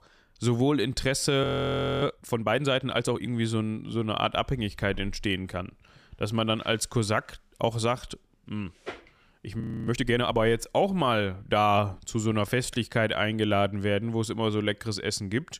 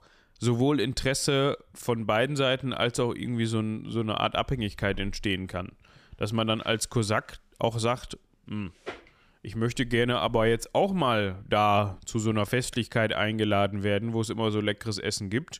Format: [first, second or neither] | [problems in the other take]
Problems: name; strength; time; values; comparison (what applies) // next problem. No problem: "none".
second | audio freezing; at 1.5 s for 0.5 s and at 9.5 s